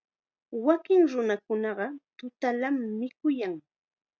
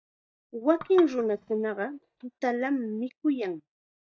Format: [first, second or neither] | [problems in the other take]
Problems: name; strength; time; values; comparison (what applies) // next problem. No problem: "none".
first | noise reduction (neural mask model DeepFilterNet 3)